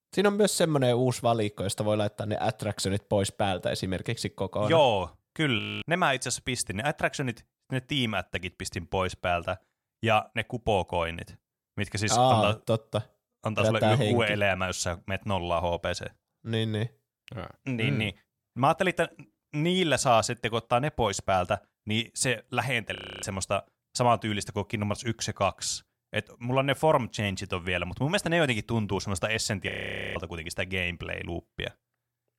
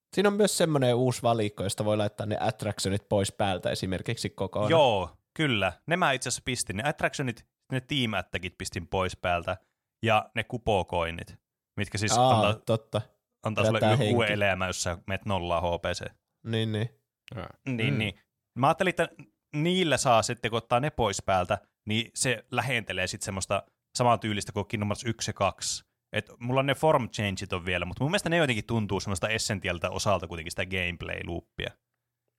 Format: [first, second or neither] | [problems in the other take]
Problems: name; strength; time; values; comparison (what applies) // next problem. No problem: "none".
second | audio freezing; at 5.5 s, at 23 s and at 30 s